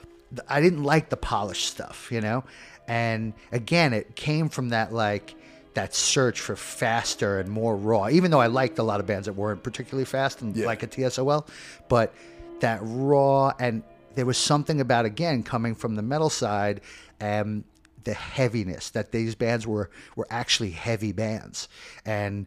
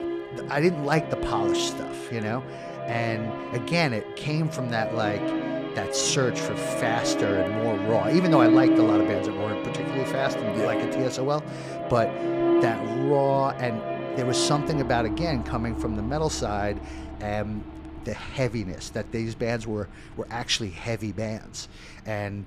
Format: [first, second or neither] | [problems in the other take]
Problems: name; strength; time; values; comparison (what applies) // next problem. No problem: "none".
first | background music; loud; throughout; as loud as the speech; faint in the first